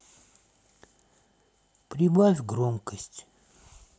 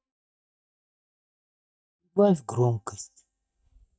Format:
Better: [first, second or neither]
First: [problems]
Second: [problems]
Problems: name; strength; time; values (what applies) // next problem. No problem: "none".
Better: first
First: none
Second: noise reduction (neural mask model DeepFilterNet 3)